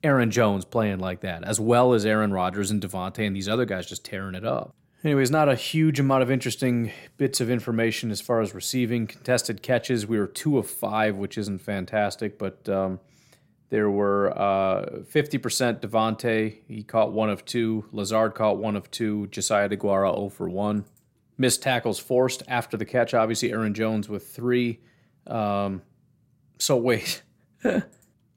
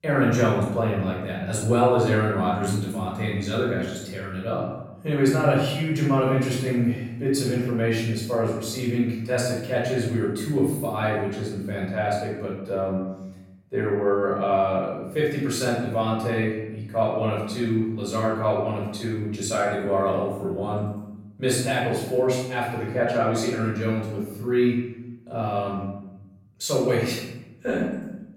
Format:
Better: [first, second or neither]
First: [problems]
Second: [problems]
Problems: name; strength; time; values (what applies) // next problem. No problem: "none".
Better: first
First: none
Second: room echo; noticeable; dies away in 0.9 s // off-mic speech; far